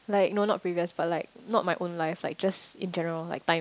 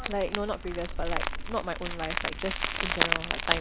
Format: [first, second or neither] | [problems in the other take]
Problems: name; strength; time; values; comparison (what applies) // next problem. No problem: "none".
first | background sound (Crumpling, crinkling); 3 dB above the speech